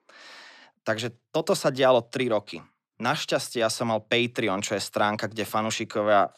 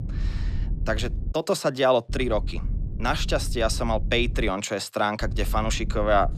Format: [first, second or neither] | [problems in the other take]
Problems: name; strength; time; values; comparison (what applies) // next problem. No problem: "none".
first | low rumble; faint; until 1.5 s, from 2 to 4.5 s and from 5 s on; 20 dB below the speech